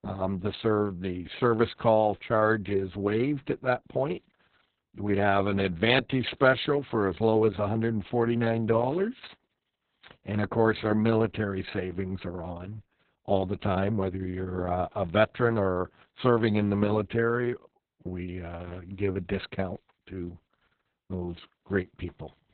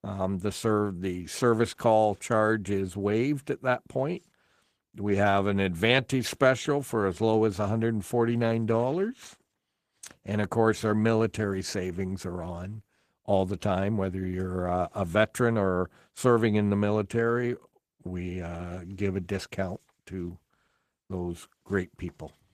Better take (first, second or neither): second